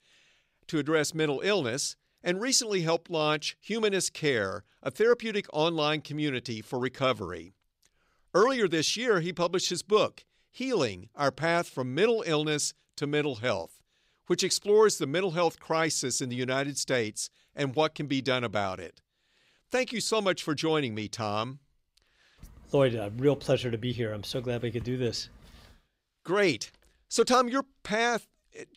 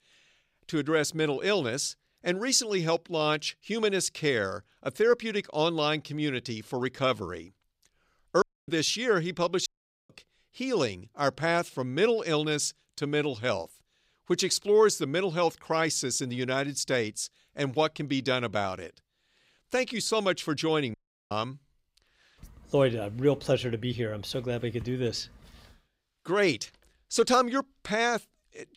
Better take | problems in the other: first | audio cutting out; at 8.5 s, at 9.5 s and at 21 s

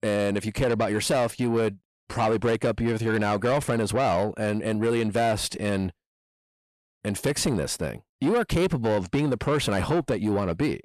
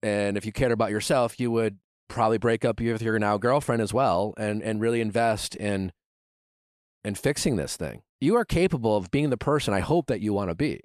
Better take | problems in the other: second | distortion; slight; 10 dB below the speech

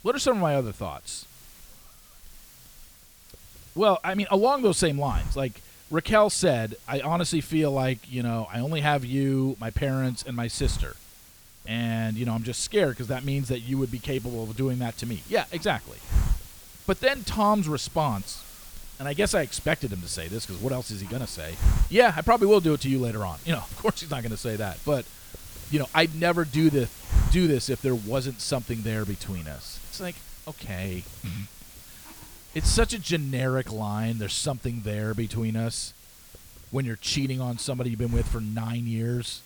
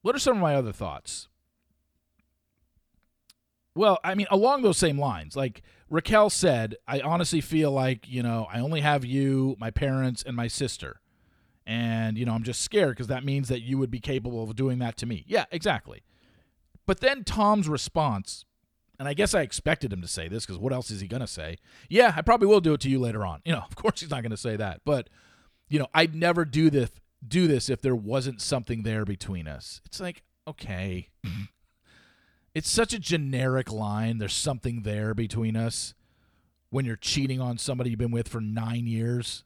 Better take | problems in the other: second | hiss; noticeable; throughout; 10 dB below the speech

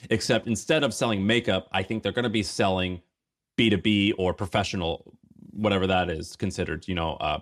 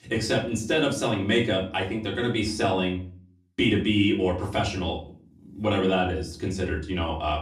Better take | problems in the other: first | off-mic speech; far // room echo; slight; dies away in 0.4 s

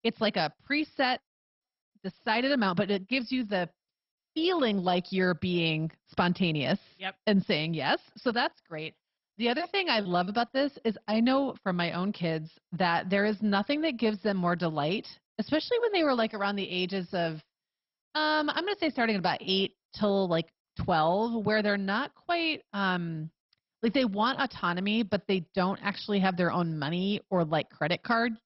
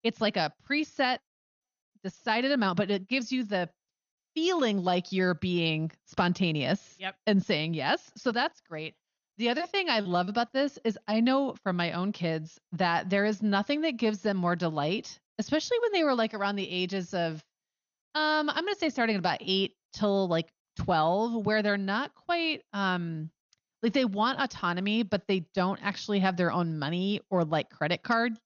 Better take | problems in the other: second | garbled, watery; badly; nothing above 5.5 kHz; slightly in the second

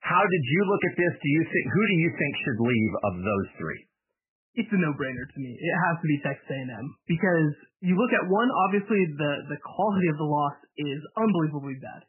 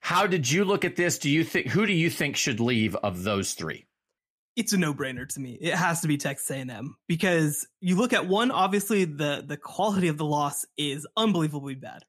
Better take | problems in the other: second | garbled, watery; badly; nothing above 3 kHz

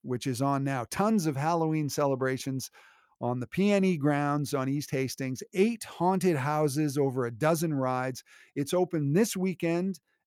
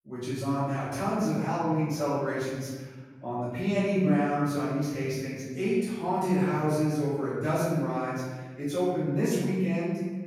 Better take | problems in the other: first | off-mic speech; far // room echo; strong; dies away in 1.3 s

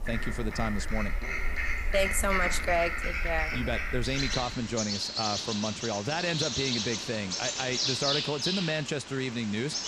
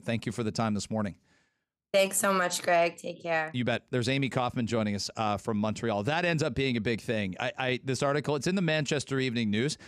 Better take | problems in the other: second | animal sounds; very loud; throughout; as loud as the speech

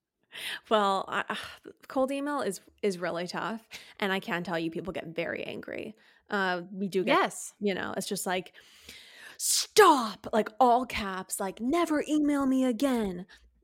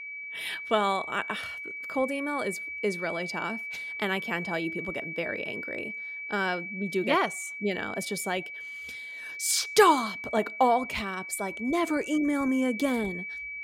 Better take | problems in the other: first | high-pitched whine; loud; throughout; 2.5 kHz, 7 dB below the speech

